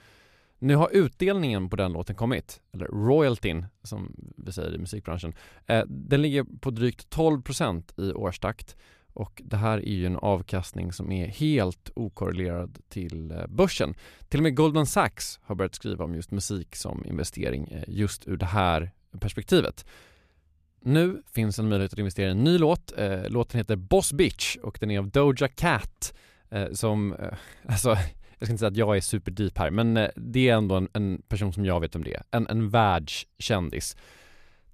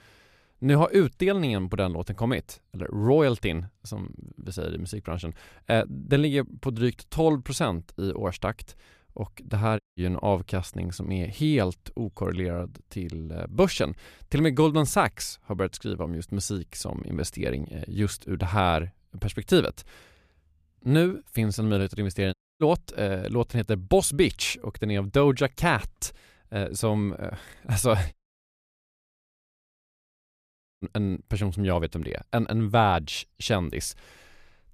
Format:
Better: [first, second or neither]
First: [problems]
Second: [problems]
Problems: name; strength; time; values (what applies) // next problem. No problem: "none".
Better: first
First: none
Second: audio cutting out; at 10 s, at 22 s and at 28 s for 2.5 s